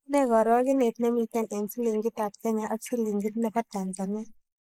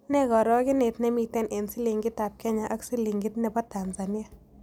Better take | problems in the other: second | noise reduction (neural mask model Resemble Enhance denoiser)

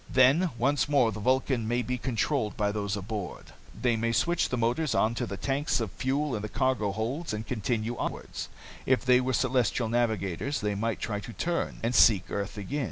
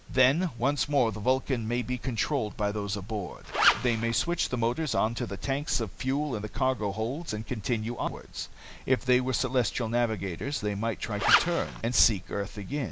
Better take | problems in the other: first | background sound (Zipper (clothing)); 1 dB above the speech

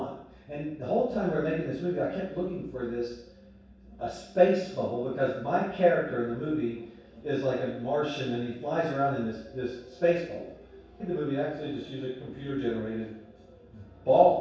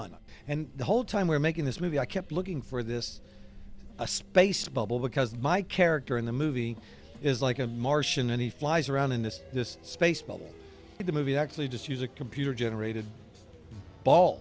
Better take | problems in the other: second | room echo; dies away in 0.7 s

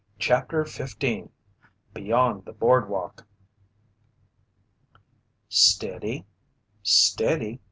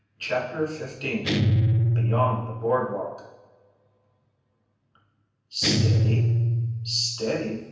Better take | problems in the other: first | background sound (Guitar); 5 dB above the speech // room echo; dies away in 0.9 s

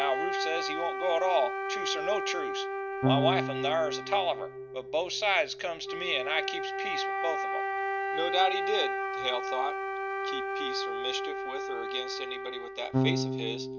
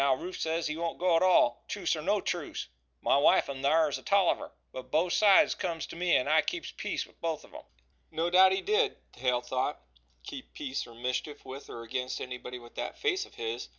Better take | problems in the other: second | background sound (Wind instrument, woodwind instrument + Electric guitar / Bass guitar); as loud as the speech

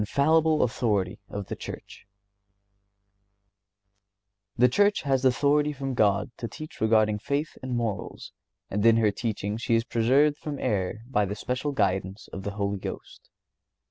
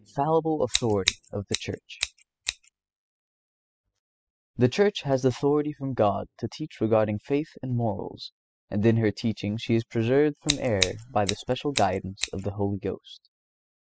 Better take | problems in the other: first | noise reduction (classical method spectral subtraction)

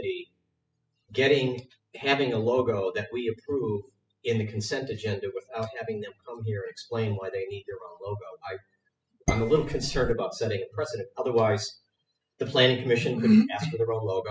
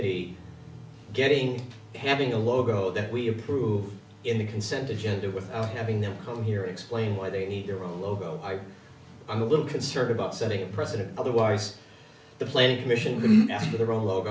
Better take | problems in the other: second | noise reduction (classical method spectral subtraction)

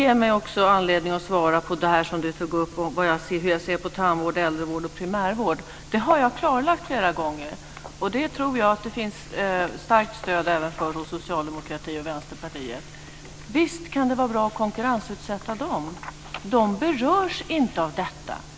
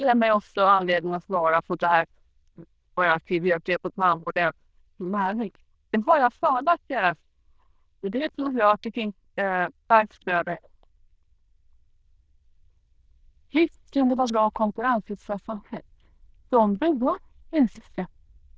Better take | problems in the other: first | noise reduction (neural diffusion model UNIVERSE++)

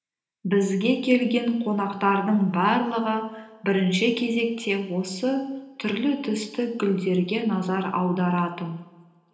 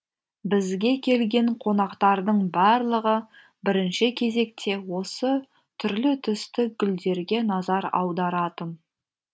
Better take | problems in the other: second | room echo; dies away in 1 s

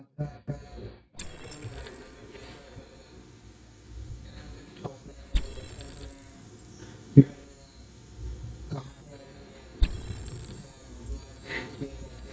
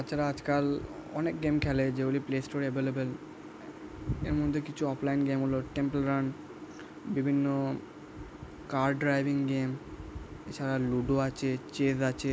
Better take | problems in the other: second | noise reduction (neural mask model DeepFilterNet 3)

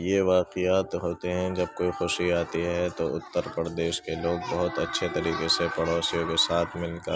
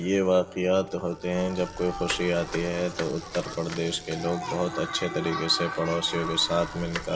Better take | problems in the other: first | background sound (Bicycle); 16 dB below the speech // room echo; dies away in 2.7 s

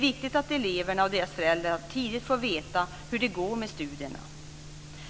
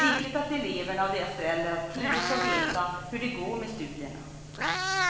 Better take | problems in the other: first | background sound (Meow); 1 dB below the speech // room echo; dies away in 1.2 s

